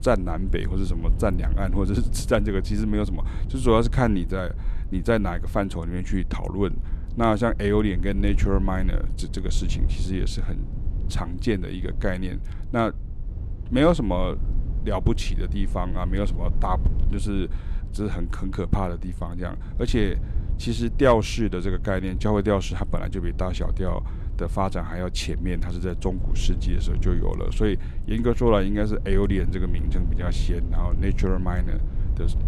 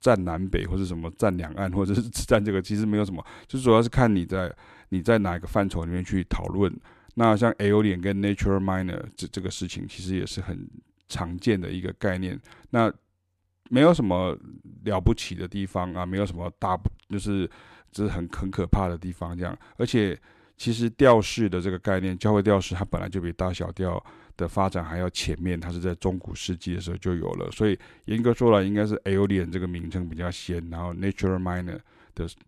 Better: second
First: low rumble; noticeable; throughout; 20 dB below the speech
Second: none

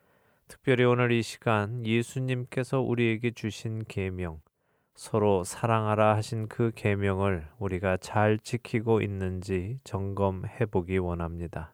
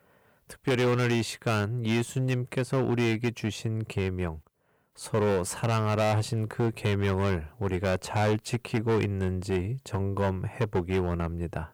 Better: first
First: none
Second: distortion; heavy; 10% of the sound clipped

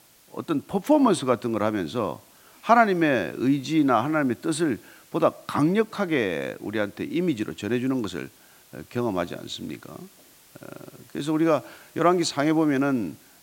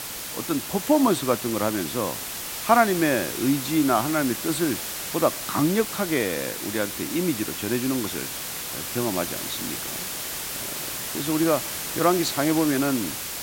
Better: first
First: hiss; faint; throughout; 30 dB below the speech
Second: hiss; loud; throughout; 5 dB below the speech

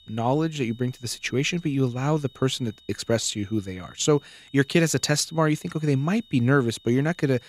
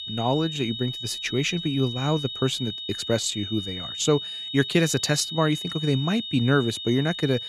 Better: first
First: high-pitched whine; faint; throughout; 3.5 kHz, 25 dB below the speech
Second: high-pitched whine; loud; throughout; 3.5 kHz, 6 dB below the speech

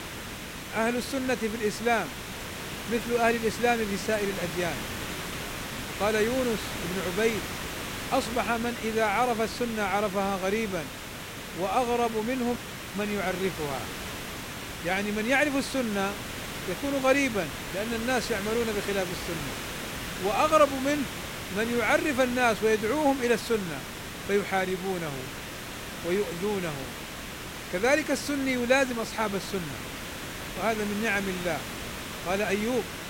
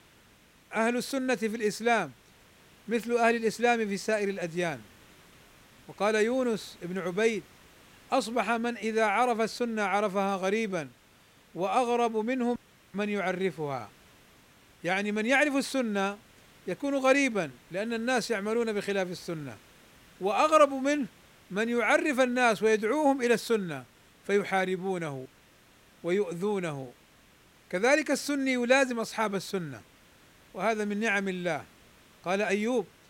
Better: second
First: hiss; loud; throughout; 7 dB below the speech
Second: hiss; faint; throughout; 30 dB below the speech

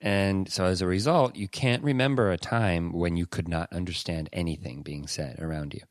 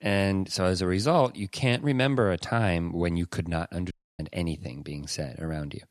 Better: first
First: none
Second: audio cutting out; at 4 s

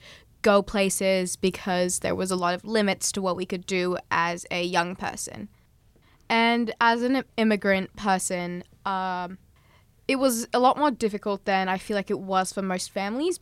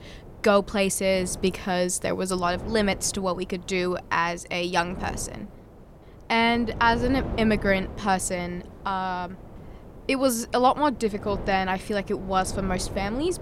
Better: first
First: none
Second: wind noise on the microphone; occasional gusts; 20 dB below the speech

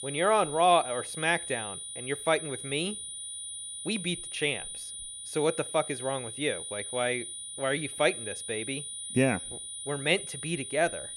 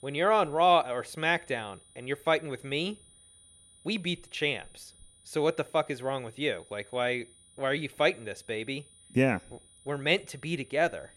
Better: second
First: high-pitched whine; loud; throughout; 9.5 kHz, 7 dB below the speech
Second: high-pitched whine; faint; throughout; 9.5 kHz, 25 dB below the speech

